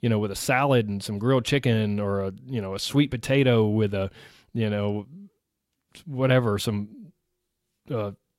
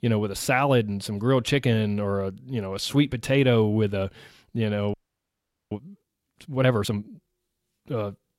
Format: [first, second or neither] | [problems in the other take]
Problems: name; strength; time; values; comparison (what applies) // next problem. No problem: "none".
first | audio freezing; at 5 s for 1 s